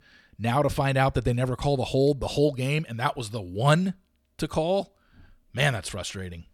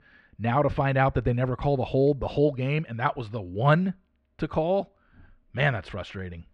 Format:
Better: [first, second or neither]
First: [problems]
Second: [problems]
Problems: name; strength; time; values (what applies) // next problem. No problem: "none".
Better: first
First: none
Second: muffled; very; fading above 2 kHz